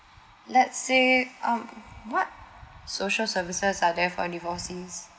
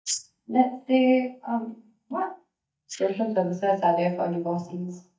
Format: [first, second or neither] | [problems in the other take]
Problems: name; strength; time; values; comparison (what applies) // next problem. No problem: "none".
first | noise reduction (neural mask model DeepFilterNet 3)